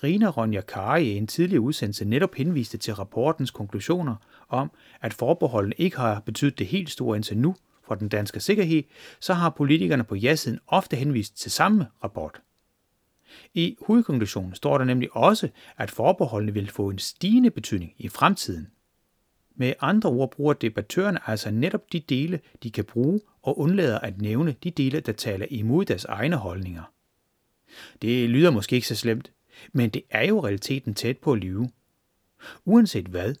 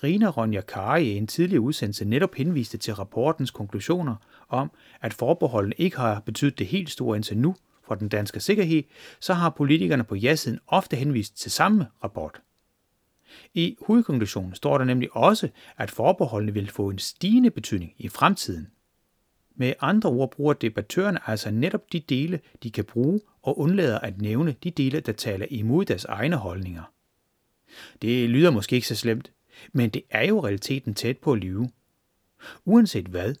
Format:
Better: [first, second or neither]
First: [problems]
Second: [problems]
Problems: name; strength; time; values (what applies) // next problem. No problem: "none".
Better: neither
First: none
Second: none